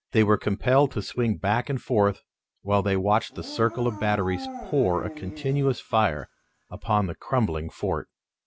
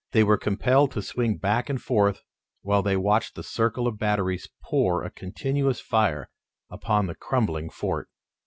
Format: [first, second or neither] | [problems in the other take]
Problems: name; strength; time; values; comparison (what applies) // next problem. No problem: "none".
second | background sound (Dog); 15 dB below the speech